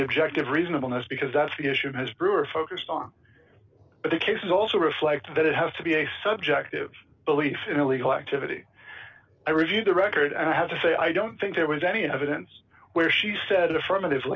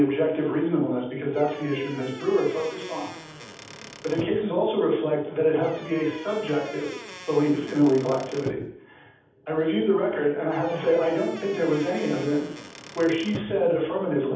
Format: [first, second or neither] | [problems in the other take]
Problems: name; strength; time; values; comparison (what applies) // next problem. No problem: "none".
first | background sound (Squeak / Wood); 15 dB below the speech // room echo; dies away in 0.8 s